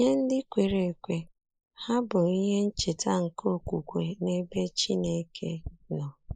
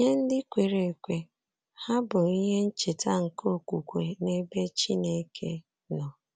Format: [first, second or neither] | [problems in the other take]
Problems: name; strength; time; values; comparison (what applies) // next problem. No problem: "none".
second | noise reduction (neural mask model Resemble Enhance denoiser)